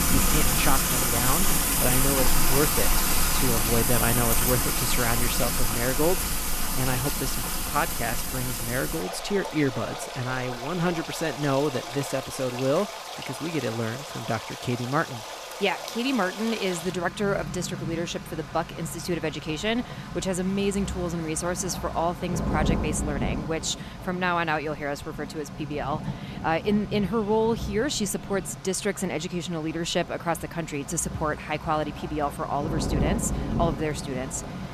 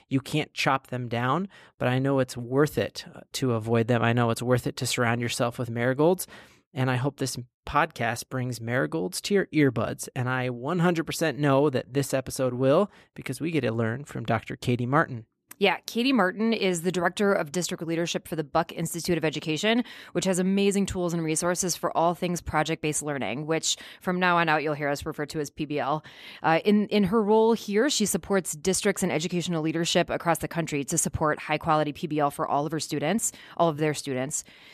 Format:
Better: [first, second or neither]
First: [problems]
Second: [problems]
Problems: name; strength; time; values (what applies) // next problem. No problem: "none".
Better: second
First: rain or running water; very loud; throughout; 1 dB above the speech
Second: none